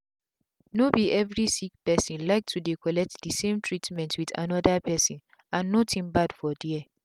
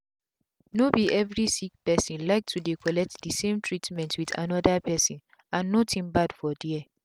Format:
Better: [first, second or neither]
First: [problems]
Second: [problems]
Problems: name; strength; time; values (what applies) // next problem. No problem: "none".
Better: first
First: none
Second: background sound (Raindrop); 18 dB below the speech